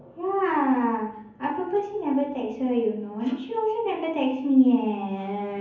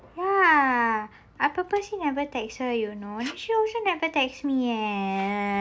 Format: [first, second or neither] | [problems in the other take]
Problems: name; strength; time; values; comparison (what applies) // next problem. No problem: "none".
second | room echo; dies away in 0.7 s